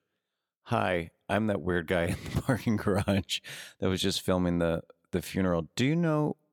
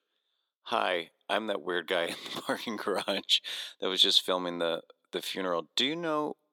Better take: first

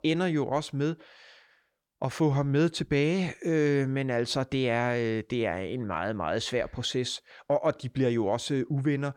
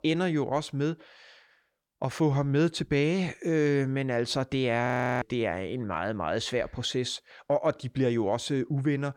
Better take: first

